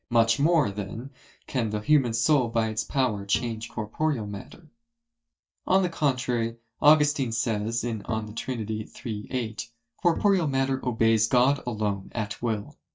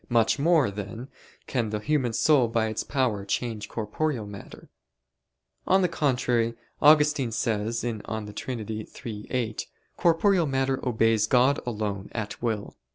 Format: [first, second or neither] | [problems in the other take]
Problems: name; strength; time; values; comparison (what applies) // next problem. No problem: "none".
second | noise reduction (neural mask model DeepFilterNet 3)